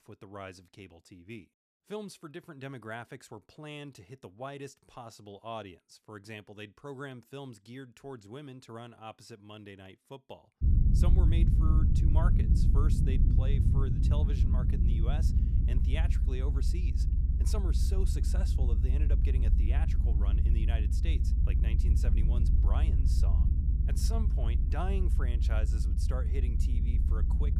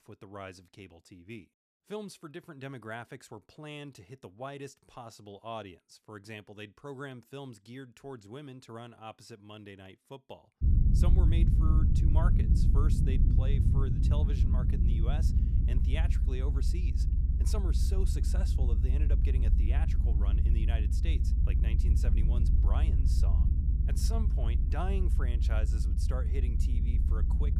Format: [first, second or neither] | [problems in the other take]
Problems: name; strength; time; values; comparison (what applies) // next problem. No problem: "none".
neither | low rumble; loud; from 11 s on; 1 dB below the speech; the same in both